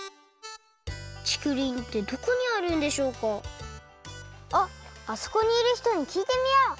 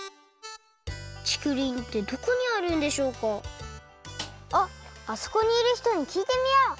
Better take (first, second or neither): first